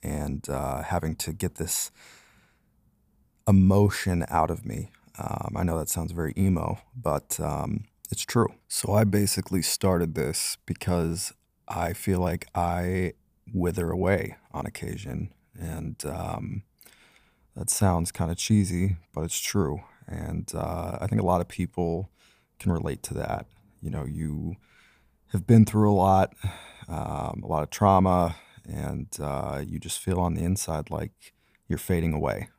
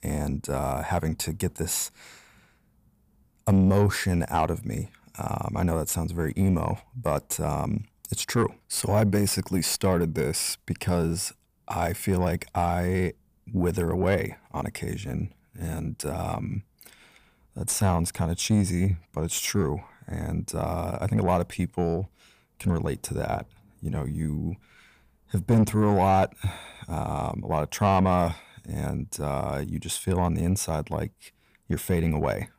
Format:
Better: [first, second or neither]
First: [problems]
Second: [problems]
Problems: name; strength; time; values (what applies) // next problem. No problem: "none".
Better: first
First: none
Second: distortion; slight; 10 dB below the speech